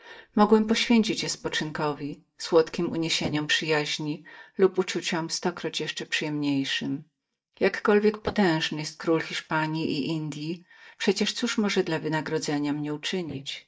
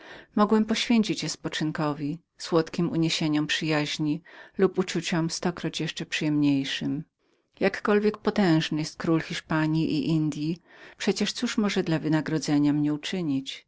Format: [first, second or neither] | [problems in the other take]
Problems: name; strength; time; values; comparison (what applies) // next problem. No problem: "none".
second | noise reduction (neural mask model DeepFilterNet 3)